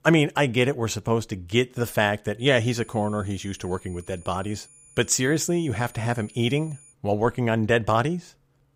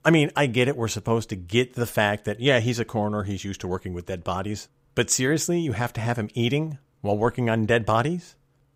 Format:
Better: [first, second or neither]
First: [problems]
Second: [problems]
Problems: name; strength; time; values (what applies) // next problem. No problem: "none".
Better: second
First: high-pitched whine; faint; from 2.5 to 7 s; 9.5 kHz, 25 dB below the speech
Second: none